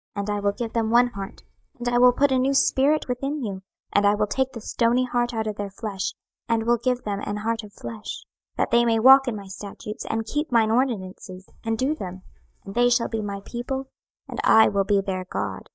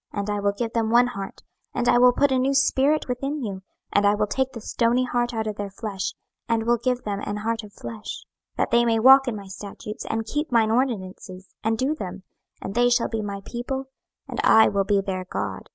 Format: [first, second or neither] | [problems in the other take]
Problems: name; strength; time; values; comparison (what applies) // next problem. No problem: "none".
second | noise reduction (neural mask model DeepFilterNet 3)